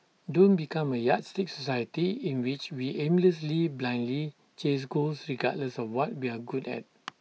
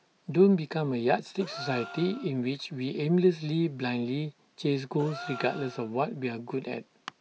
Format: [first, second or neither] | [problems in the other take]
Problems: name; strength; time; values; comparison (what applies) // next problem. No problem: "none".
first | background sound (Gasp); 17 dB below the speech